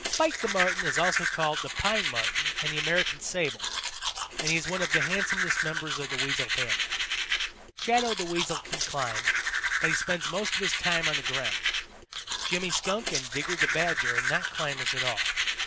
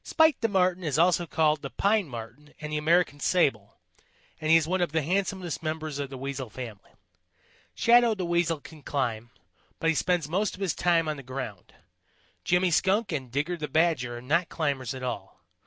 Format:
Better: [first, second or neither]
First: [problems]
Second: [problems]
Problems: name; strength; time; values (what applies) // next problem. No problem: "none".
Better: second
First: background sound (Domestic sounds, home sounds); 2 dB above the speech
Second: none